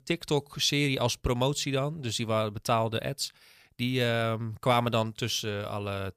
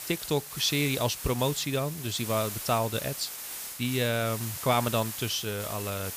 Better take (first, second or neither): first